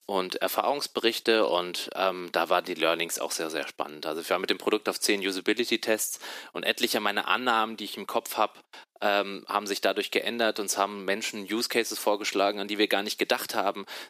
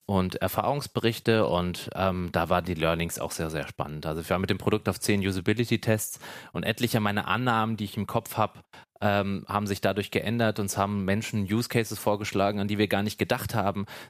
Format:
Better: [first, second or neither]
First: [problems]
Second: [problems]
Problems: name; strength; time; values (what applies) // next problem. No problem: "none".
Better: second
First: thin; somewhat; fading below 300 Hz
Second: none